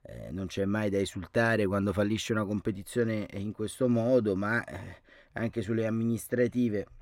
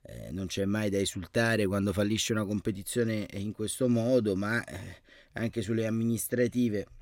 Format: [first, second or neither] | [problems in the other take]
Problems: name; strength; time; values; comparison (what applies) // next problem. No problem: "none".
second | muffled; slightly; fading above 3 kHz